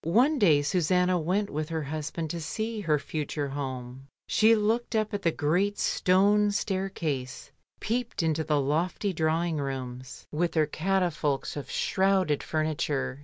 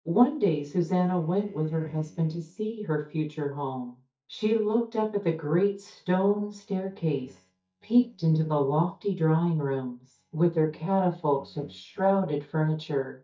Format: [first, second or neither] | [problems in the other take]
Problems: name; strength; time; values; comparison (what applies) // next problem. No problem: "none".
first | noise reduction (neural mask model DeepFilterNet 3)